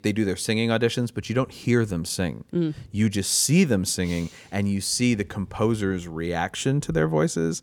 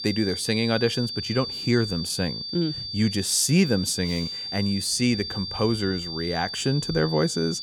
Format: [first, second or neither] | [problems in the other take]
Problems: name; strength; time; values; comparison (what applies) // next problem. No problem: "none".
first | high-pitched whine; loud; throughout; 4.5 kHz, 6 dB below the speech